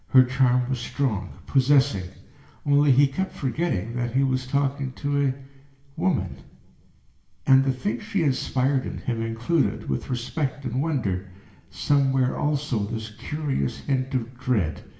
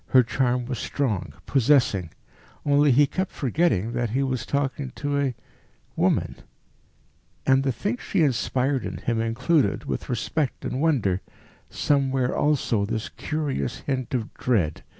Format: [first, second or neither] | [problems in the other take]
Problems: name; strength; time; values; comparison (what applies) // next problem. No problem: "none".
second | room echo; dies away in 0.8 s